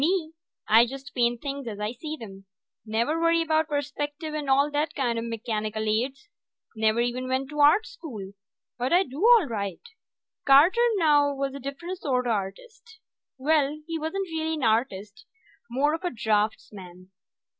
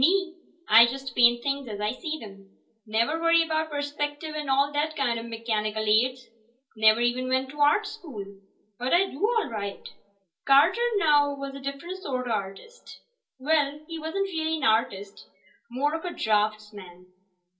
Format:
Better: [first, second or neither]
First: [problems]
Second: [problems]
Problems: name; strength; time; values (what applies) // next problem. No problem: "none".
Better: first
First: none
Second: room echo; dies away in 0.3 s